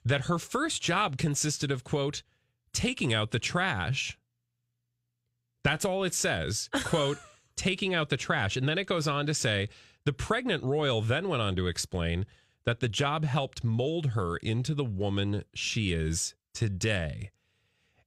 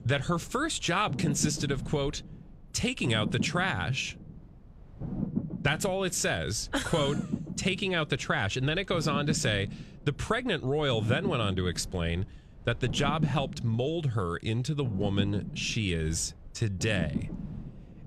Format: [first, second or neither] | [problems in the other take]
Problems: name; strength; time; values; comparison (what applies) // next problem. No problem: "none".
first | low rumble; noticeable; throughout; 15 dB below the speech